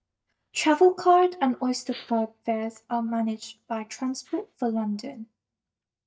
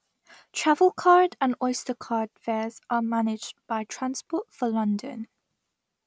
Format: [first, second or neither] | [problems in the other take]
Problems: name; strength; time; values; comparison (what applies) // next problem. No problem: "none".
second | noise reduction (neural mask model DeepFilterNet 3)